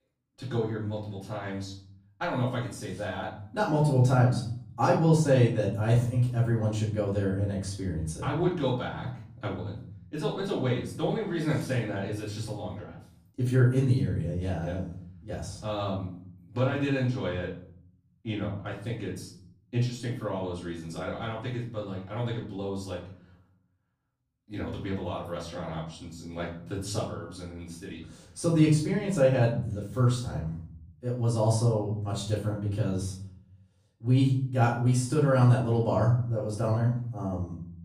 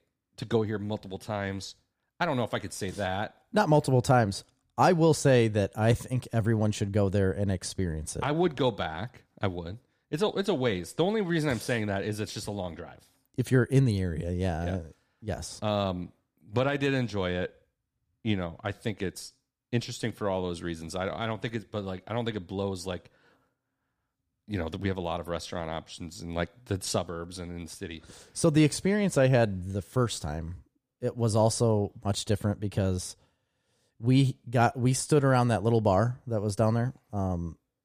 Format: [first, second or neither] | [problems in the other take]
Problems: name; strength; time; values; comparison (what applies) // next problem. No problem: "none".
second | off-mic speech; far // room echo; noticeable; dies away in 0.7 s